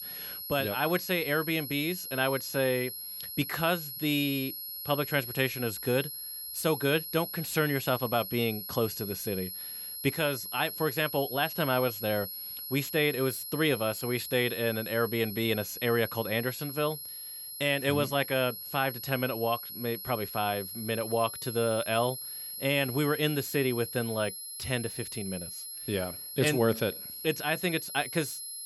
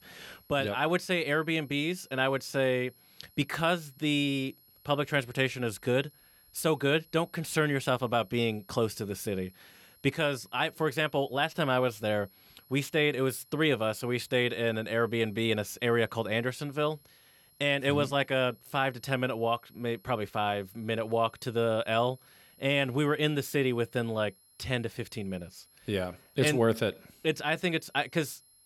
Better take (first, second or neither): second